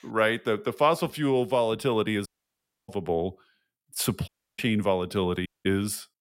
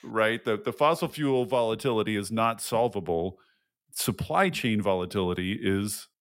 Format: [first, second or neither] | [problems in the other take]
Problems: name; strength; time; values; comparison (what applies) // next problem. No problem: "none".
second | audio cutting out; at 2.5 s for 0.5 s, at 4.5 s and at 5.5 s